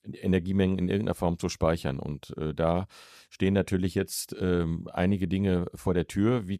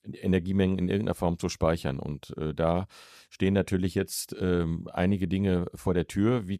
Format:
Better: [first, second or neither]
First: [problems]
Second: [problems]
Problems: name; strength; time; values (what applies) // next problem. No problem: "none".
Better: neither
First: none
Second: none